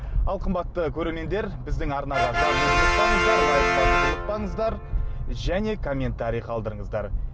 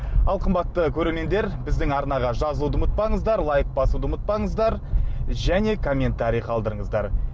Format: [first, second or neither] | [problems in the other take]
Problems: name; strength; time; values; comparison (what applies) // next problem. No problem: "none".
second | background sound (Brass instrument); 1 dB below the speech